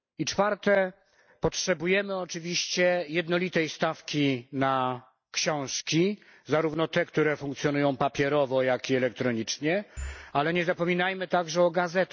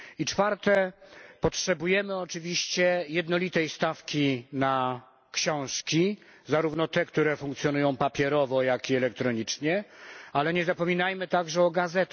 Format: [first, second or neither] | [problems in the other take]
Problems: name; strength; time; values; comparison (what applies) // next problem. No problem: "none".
second | noise reduction (neural mask model DeepFilterNet 3)